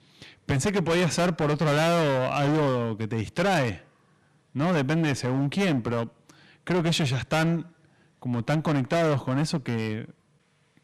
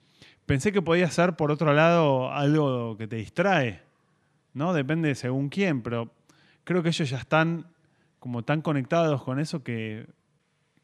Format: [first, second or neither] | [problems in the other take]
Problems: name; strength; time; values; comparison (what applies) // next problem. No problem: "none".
second | distortion; heavy; 19% of the sound clipped